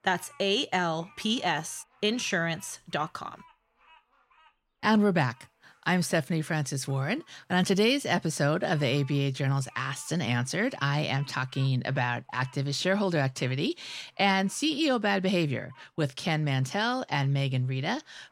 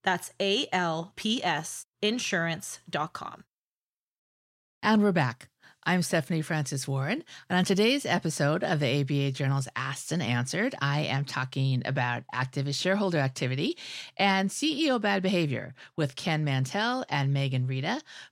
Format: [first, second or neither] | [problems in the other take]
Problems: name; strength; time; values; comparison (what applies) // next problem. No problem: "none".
second | animal sounds; faint; throughout; 30 dB below the speech